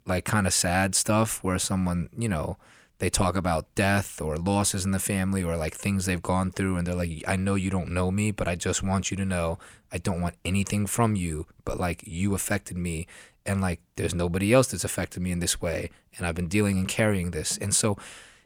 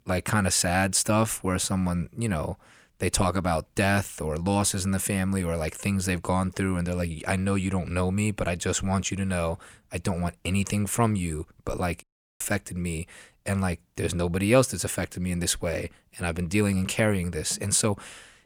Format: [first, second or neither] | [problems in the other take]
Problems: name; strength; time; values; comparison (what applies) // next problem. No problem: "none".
first | audio cutting out; at 12 s